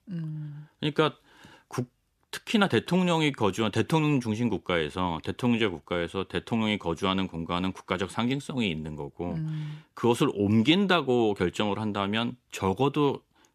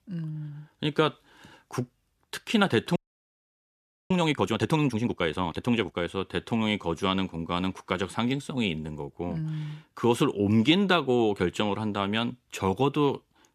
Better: first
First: none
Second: audio freezing; at 3 s for 1 s

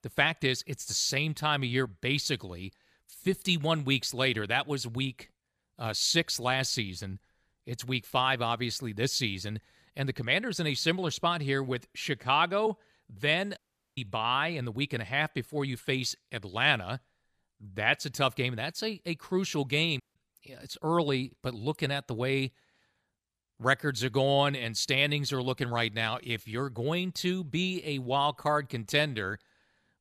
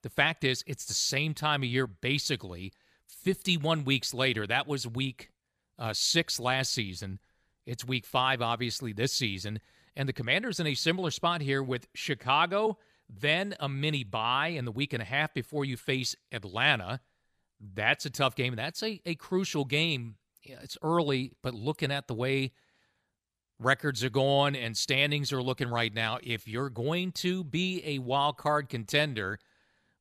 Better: second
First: audio cutting out; at 14 s and at 20 s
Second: none

